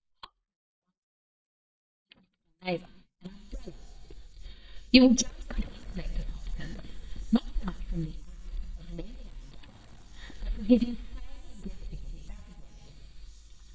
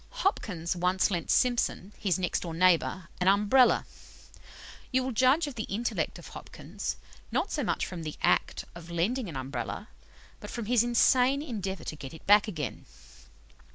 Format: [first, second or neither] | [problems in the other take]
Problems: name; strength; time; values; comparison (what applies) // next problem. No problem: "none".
second | noise reduction (neural mask model DeepFilterNet 3)